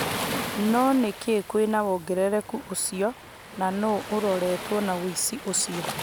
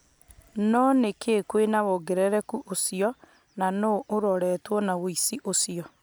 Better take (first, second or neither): second